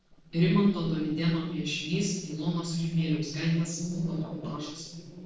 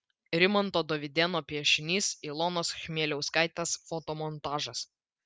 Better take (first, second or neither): second